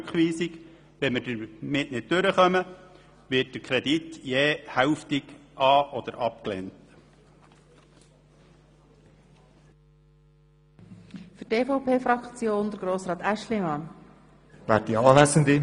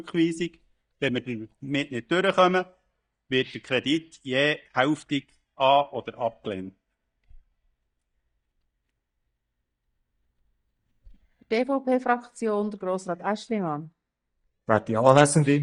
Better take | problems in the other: first | noise reduction (neural mask model DeepFilterNet 3)

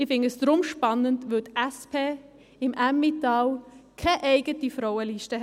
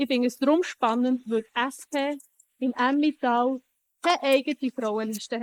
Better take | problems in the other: first | noise reduction (neural mask model Resemble Enhance denoiser)

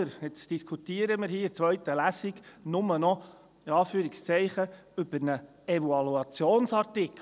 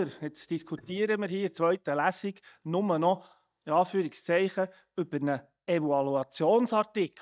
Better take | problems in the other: first | noise reduction (neural mask model DeepFilterNet 3)

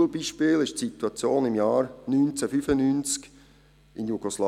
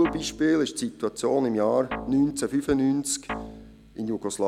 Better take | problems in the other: first | background sound (Guitar); 13 dB below the speech

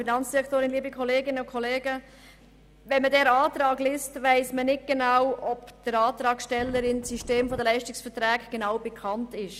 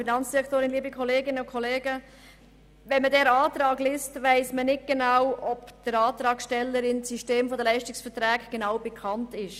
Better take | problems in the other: second | background sound (Wind); 15 dB below the speech

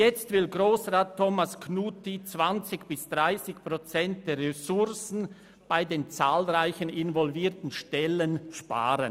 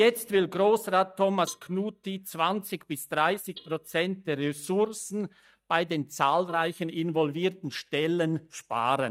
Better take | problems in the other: first | noise reduction (neural mask model DeepFilterNet 3)

